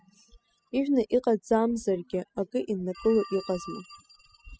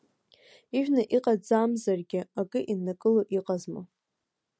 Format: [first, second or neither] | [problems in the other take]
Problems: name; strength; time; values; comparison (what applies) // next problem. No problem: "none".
second | noise reduction (classical method spectral subtraction)